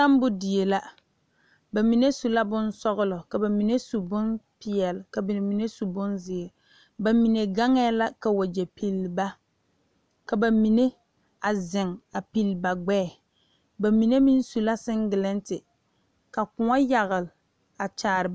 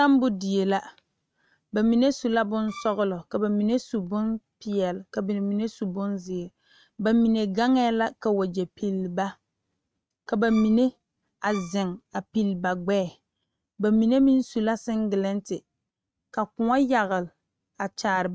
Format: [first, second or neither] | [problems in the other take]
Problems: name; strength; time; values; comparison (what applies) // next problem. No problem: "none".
first | noise reduction (neural mask model RNNoise)